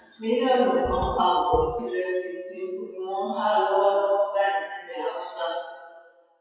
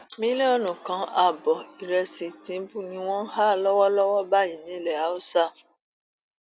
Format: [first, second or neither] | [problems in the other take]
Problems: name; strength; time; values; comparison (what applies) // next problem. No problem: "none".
second | noise reduction (classical method WPE with log-MMSE)